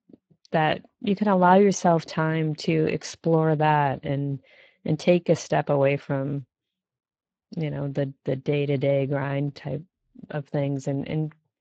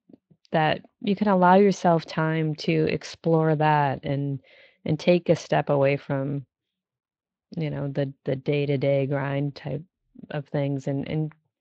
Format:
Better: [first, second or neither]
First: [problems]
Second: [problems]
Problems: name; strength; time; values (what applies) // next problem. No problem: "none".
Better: second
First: garbled, watery; badly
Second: garbled, watery; slightly